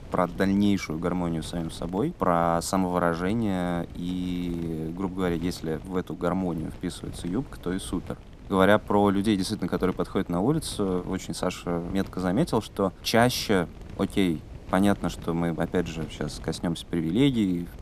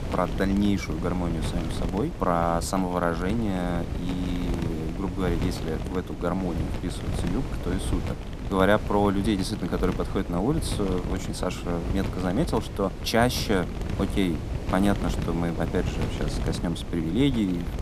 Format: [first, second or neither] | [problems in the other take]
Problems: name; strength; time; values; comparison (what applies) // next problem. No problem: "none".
first | wind noise on the microphone; heavy; 9 dB below the speech; occasional gusts in the first